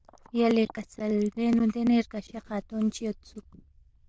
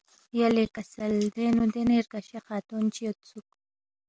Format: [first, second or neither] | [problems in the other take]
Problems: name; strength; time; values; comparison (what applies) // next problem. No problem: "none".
second | noise reduction (neural diffusion model UNIVERSE++)